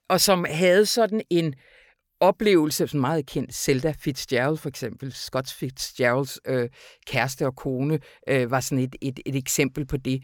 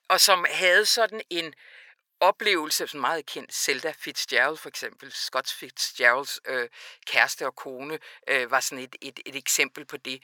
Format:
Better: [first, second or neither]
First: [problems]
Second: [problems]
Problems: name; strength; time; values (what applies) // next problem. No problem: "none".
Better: first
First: none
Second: thin; very; fading below 650 Hz